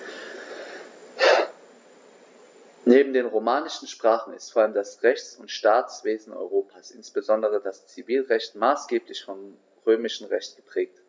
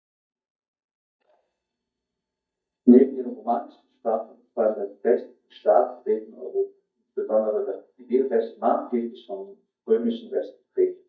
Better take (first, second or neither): first